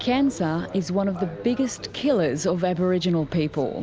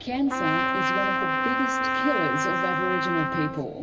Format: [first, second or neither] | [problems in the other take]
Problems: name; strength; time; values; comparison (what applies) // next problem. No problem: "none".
first | background sound (Trumpet); 3 dB above the speech // room echo; dies away in 1.3 s